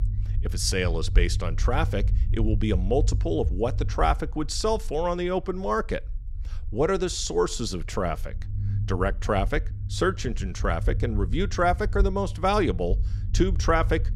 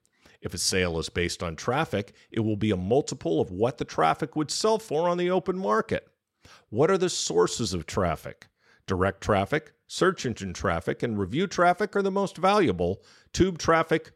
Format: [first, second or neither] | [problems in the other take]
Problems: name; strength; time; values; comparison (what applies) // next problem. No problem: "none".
second | low rumble; noticeable; throughout; 20 dB below the speech